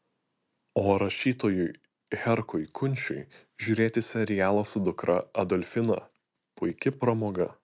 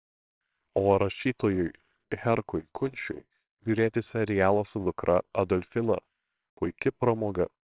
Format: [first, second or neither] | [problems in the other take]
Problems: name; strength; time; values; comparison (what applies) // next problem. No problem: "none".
first | noise reduction (neural separator model SepFormer WHAMR!)